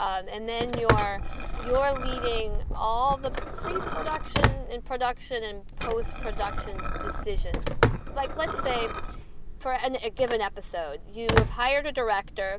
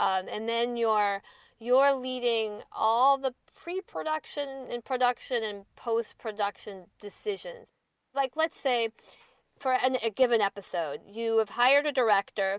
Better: second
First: background sound (Liquid + Telephone); 1 dB above the speech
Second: none

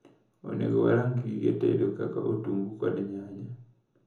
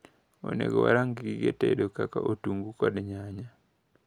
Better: second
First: room echo; dies away in 0.6 s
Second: none

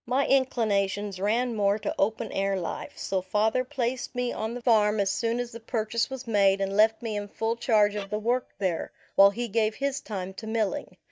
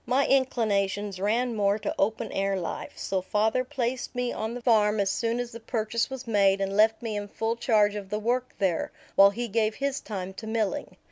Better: second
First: noise reduction (neural mask model DeepFilterNet 3)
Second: none

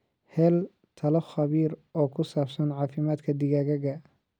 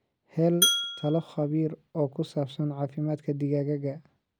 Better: first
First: none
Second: background sound (Glass); 1 dB below the speech

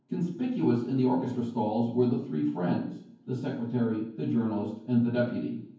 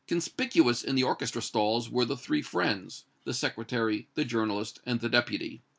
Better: second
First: room echo; dies away in 0.9 s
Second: none

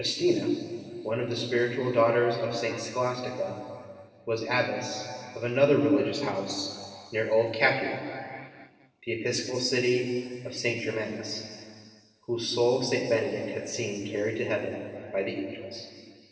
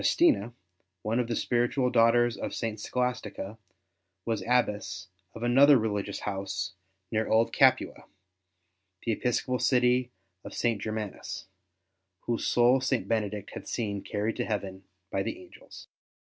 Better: second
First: room echo; dies away in 2.5 s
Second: none

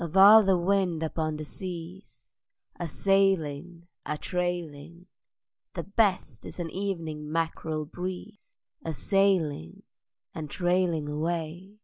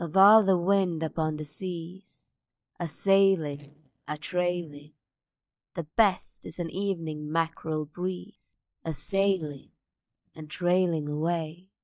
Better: first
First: none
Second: noise reduction (neural mask model DeepFilterNet 3)

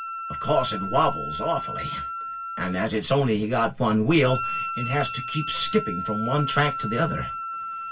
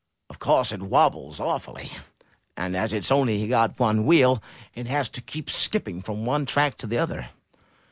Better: second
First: background sound (Wind instrument, woodwind instrument); 7 dB below the speech // room echo; dies away in 0.2 s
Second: none

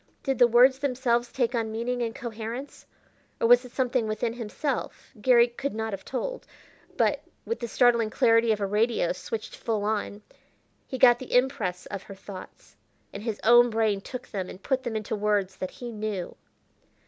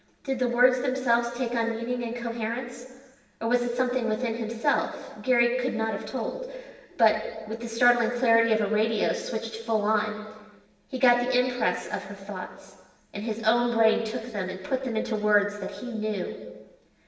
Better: first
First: none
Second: room echo; dies away in 1.2 s

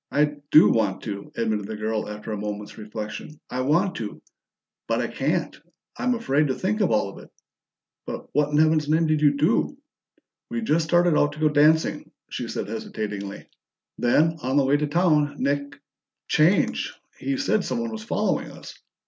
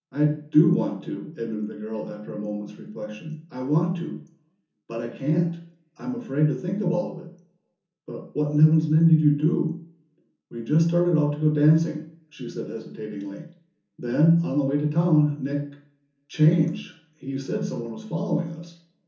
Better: first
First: none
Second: room echo; dies away in 0.7 s

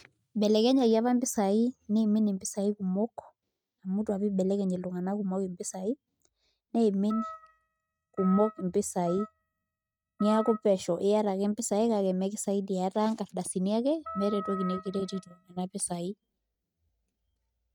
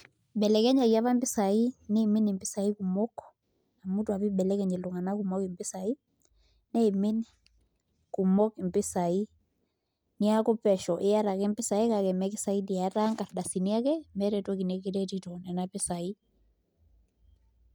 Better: second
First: noise reduction (neural mask model RNNoise)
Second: none

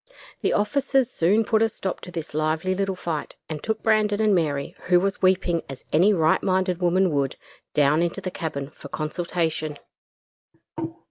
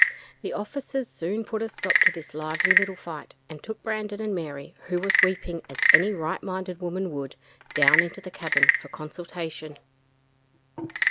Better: first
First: none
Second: background sound (Wood / Percussion / Frog); 3 dB above the speech

